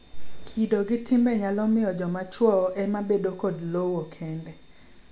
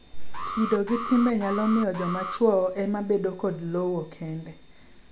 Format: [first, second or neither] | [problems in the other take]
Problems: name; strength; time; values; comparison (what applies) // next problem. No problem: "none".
first | background sound (Alarm); 10 dB below the speech